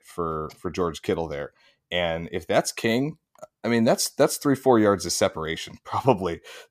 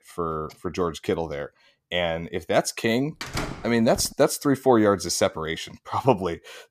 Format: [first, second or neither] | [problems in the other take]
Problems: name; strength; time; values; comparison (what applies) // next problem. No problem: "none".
first | door banging; noticeable; at 3 s; peak 7 dB below the speech